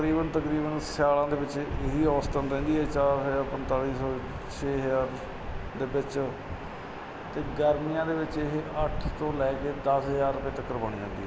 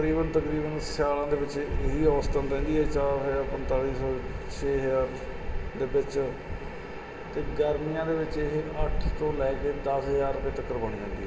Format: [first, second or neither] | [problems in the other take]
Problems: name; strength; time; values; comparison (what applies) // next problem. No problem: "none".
first | room echo; dies away in 2.2 s